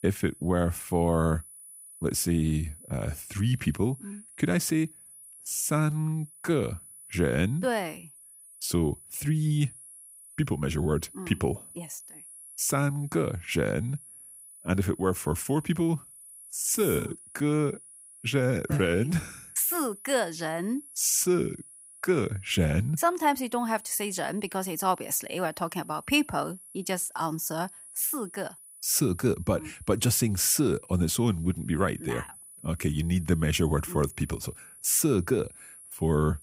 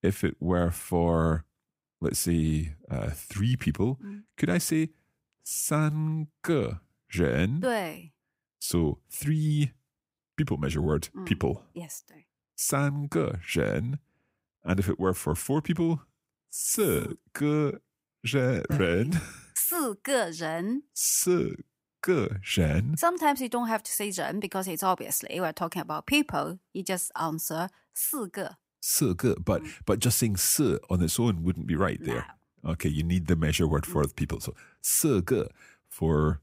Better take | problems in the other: second | high-pitched whine; noticeable; throughout; 10 kHz, 20 dB below the speech

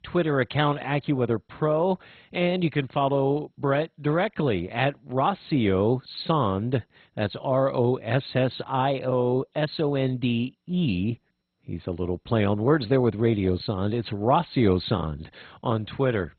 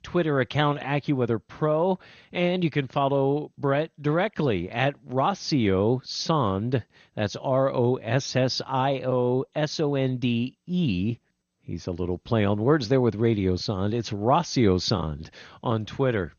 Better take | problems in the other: second | garbled, watery; badly; nothing above 4 kHz; slightly in the second

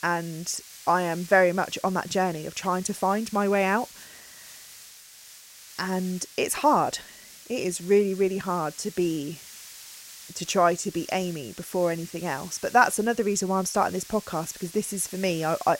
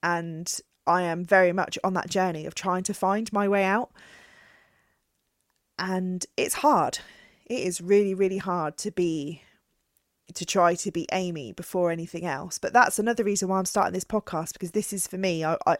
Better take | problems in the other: second | hiss; noticeable; throughout; 15 dB below the speech

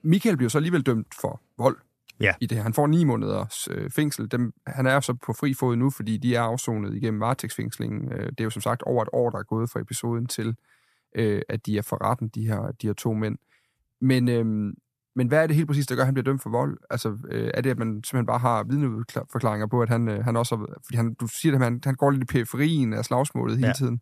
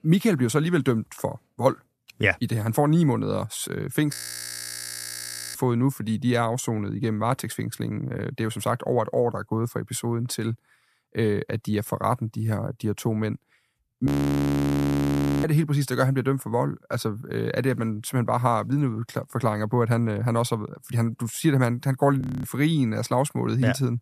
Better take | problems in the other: first | audio freezing; at 4 s for 1.5 s, at 14 s for 1.5 s and at 22 s

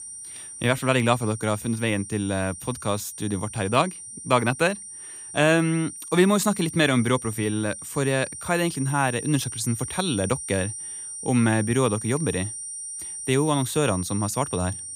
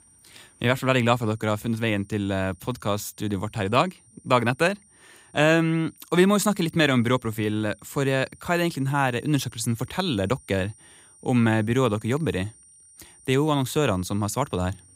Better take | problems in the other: second | high-pitched whine; loud; throughout; 9 kHz, 10 dB below the speech; faint in the second

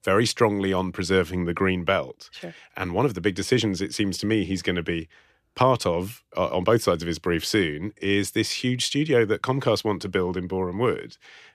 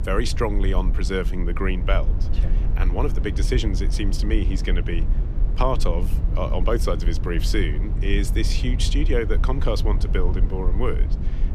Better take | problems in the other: first | low rumble; noticeable; throughout; 10 dB below the speech

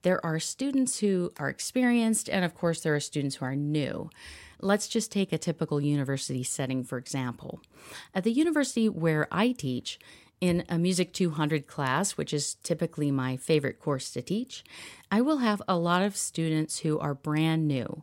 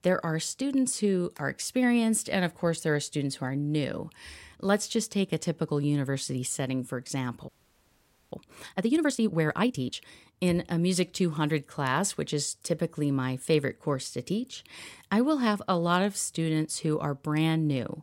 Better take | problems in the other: first | audio freezing; at 7.5 s for 1 s

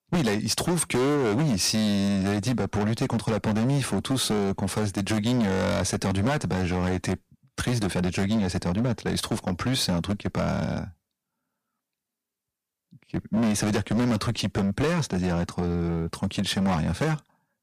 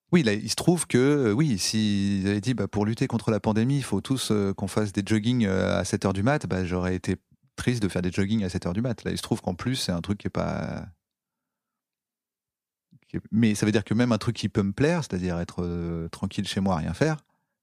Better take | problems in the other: second | distortion; heavy; 17% of the sound clipped

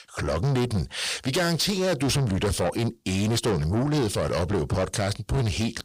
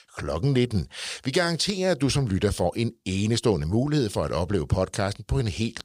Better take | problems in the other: second | distortion; heavy; 7 dB below the speech

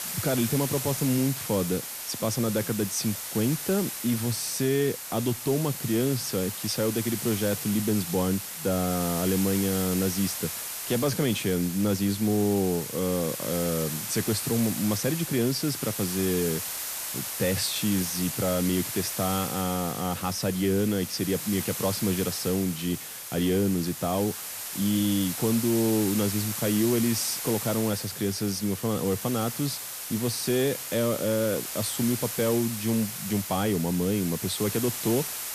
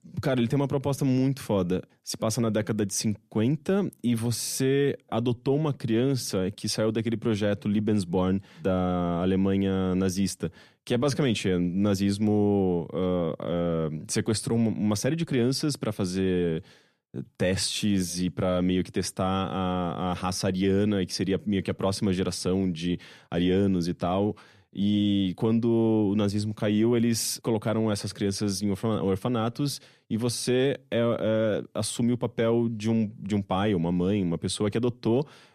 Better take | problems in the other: second | hiss; loud; throughout; 5 dB below the speech

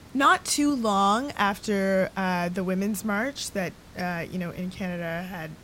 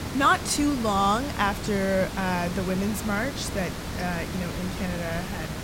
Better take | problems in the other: first | hiss; loud; throughout; 7 dB below the speech; faint in the first

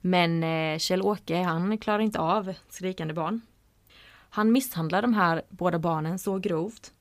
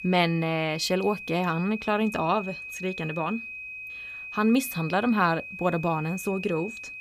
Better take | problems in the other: first | high-pitched whine; loud; throughout; 2.5 kHz, 10 dB below the speech

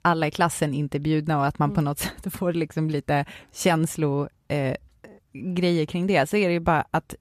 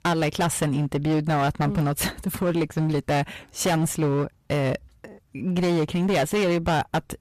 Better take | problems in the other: first | distortion; heavy; 16% of the sound clipped

